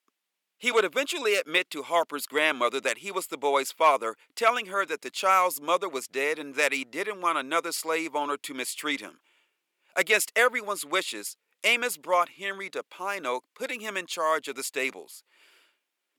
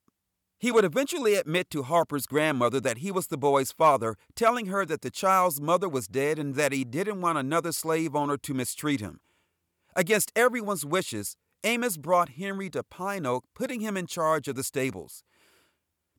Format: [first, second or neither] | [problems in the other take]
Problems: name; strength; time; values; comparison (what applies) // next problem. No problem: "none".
second | thin; somewhat; fading below 350 Hz